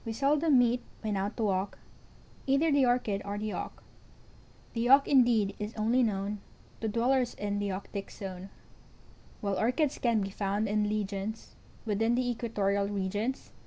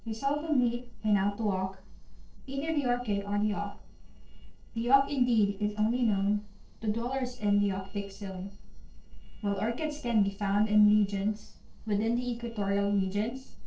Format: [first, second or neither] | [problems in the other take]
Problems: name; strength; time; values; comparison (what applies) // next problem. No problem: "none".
first | noise reduction (neural separator model SepFormer DNS4)